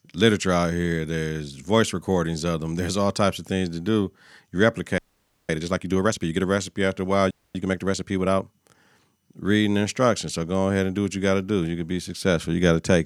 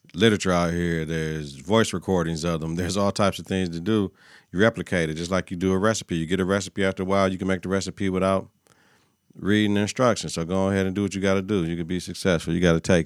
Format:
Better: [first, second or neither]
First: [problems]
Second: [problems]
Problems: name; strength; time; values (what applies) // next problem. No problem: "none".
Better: second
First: audio freezing; at 5 s for 0.5 s and at 7.5 s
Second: none